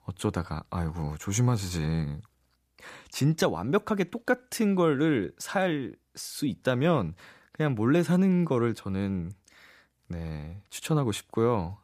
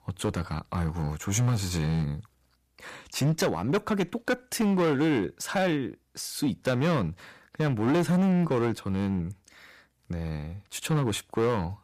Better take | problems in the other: first | distortion; slight; 9% of the sound clipped

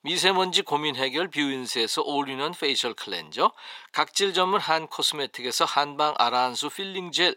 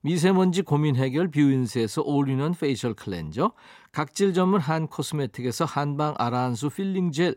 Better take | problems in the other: second | thin; very; fading below 550 Hz

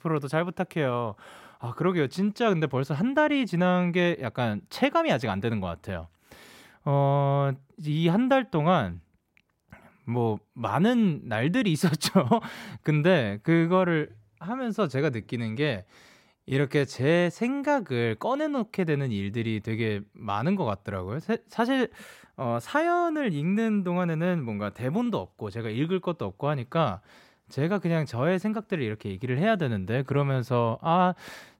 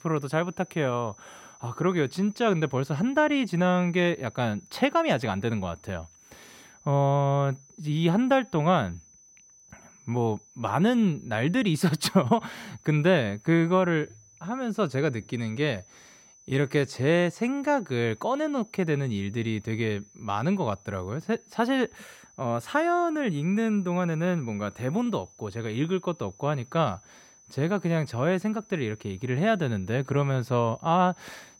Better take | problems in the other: first | high-pitched whine; faint; throughout; 6 kHz, 25 dB below the speech

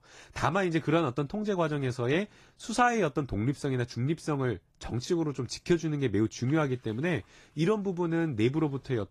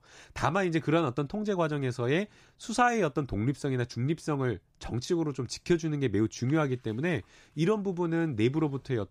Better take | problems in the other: second | garbled, watery; slightly; nothing above 14.5 kHz

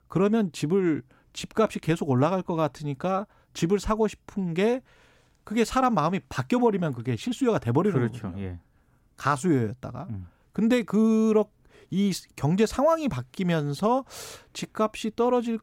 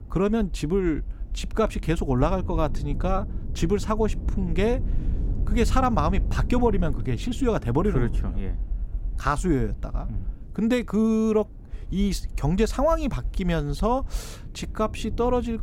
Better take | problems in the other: first | low rumble; faint; throughout; 20 dB below the speech

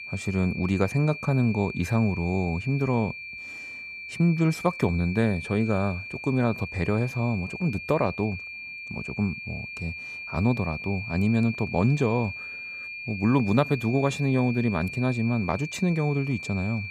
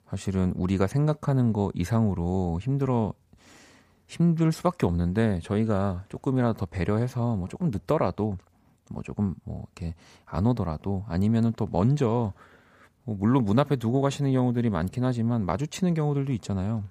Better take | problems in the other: second | high-pitched whine; loud; throughout; 2.5 kHz, 9 dB below the speech

